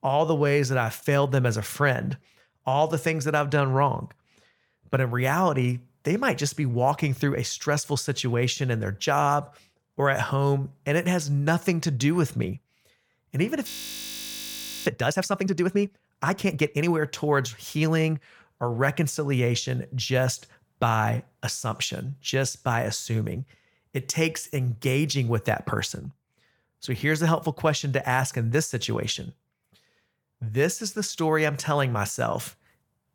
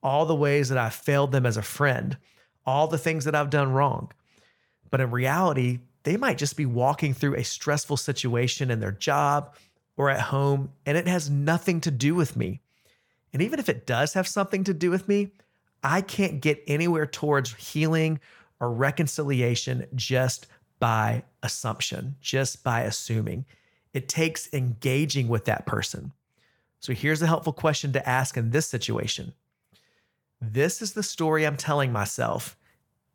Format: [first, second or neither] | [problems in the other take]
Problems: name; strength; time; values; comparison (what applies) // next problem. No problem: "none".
second | audio freezing; at 14 s for 1 s